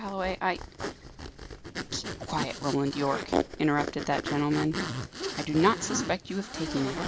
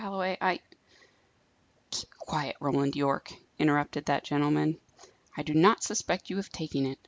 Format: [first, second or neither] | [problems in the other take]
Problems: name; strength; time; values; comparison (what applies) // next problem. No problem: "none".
second | background sound (Zipper (clothing)); 5 dB below the speech